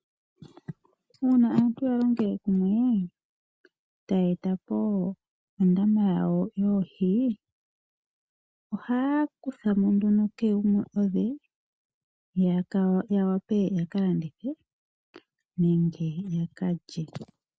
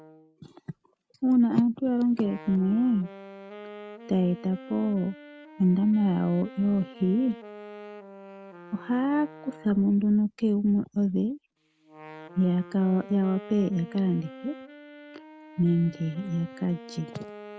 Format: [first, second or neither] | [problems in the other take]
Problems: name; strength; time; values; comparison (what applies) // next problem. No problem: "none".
first | background sound (Wind instrument, woodwind instrument); 19 dB below the speech